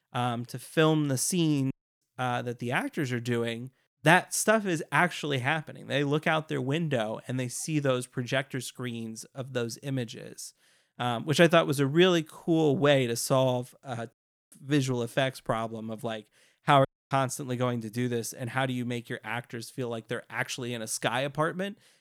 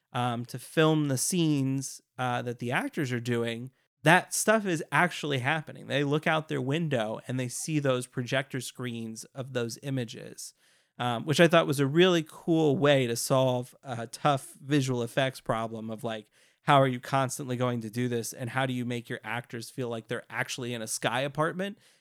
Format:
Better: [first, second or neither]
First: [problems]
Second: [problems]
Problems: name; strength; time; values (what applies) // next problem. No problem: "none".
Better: second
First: audio cutting out; at 1.5 s, at 14 s and at 17 s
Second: none